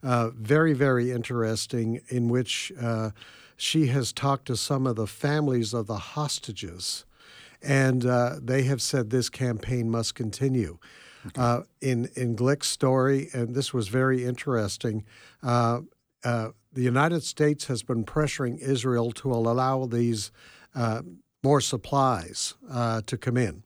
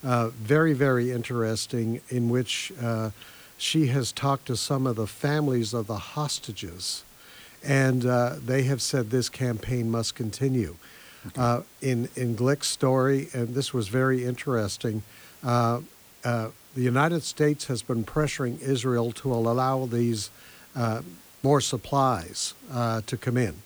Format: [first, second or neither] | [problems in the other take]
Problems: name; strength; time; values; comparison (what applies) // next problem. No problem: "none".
first | hiss; faint; throughout; 25 dB below the speech